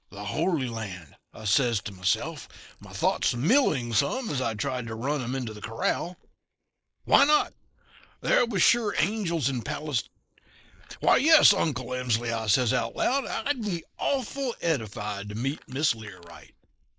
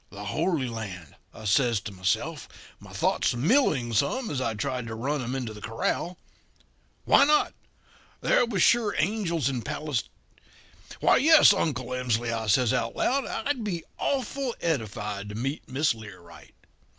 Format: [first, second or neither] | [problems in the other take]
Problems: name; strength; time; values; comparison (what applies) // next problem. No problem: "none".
second | noise reduction (neural mask model Resemble Enhance denoiser)